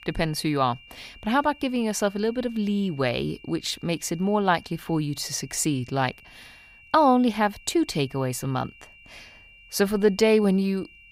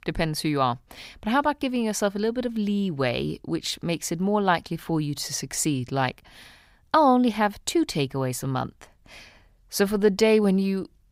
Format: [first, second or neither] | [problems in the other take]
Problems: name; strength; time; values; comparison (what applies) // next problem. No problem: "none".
second | high-pitched whine; faint; throughout; 3 kHz, 25 dB below the speech